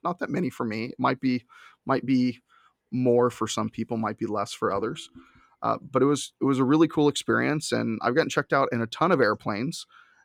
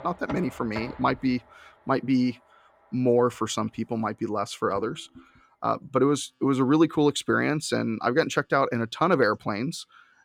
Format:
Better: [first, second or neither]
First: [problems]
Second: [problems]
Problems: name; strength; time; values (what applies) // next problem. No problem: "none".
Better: first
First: none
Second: household noises; noticeable; throughout; 20 dB below the speech